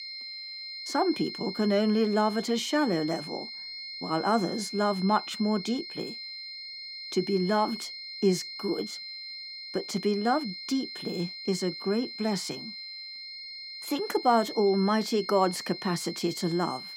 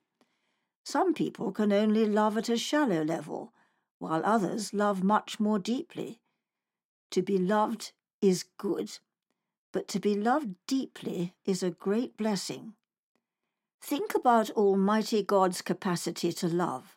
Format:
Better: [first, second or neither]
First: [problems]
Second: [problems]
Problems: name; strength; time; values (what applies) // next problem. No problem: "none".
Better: second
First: high-pitched whine; loud; throughout; 4 kHz, 9 dB below the speech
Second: none